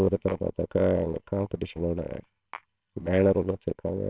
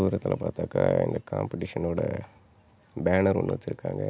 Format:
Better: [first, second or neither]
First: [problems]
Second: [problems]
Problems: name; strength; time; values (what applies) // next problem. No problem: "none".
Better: second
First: noise reduction (neural separator model SepFormer WHAMR!)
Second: none